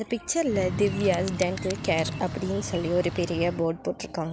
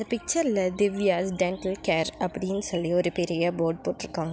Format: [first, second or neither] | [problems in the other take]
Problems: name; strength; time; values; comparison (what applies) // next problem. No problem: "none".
second | background sound (Bird); 7 dB below the speech